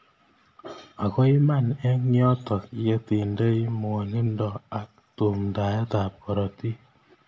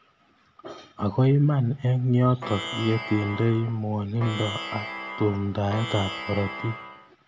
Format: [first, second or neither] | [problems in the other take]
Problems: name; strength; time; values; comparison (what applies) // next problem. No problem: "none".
first | background sound (Plucked string instrument); 10 dB below the speech